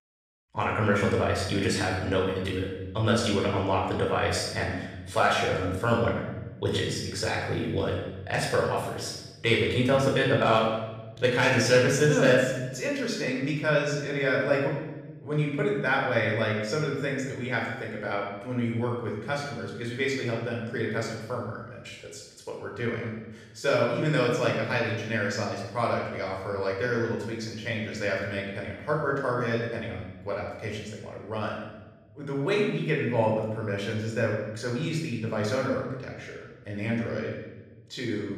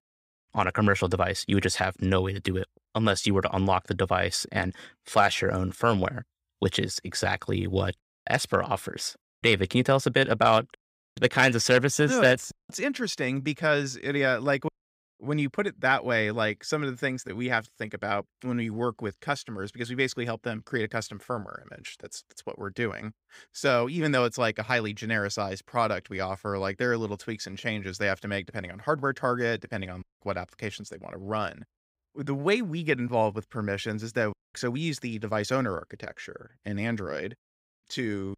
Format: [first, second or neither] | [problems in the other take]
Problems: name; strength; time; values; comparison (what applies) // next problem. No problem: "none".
second | off-mic speech; far // room echo; noticeable; dies away in 1 s